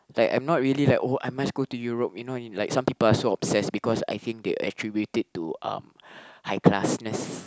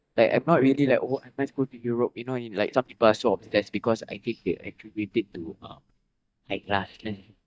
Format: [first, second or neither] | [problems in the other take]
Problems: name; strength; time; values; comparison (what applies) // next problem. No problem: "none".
first | noise reduction (neural mask model DeepFilterNet 3)